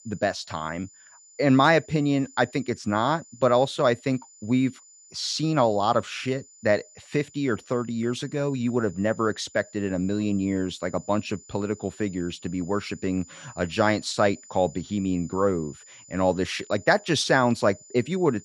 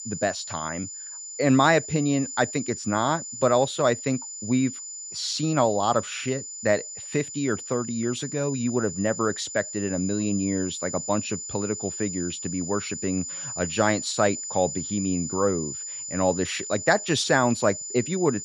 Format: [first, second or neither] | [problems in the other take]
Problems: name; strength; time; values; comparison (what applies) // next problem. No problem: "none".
first | high-pitched whine; loud; throughout; 7 kHz, 7 dB below the speech; faint in the first